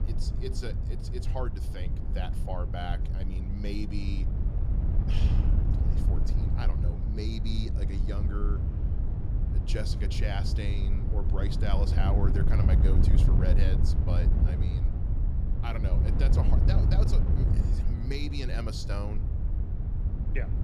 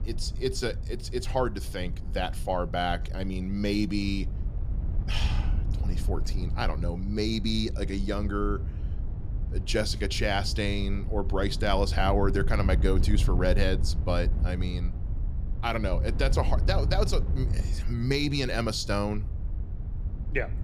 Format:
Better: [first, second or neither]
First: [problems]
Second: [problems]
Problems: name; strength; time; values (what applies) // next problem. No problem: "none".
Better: second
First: wind noise on the microphone; heavy; 3 dB below the speech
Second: wind noise on the microphone; occasional gusts; 15 dB below the speech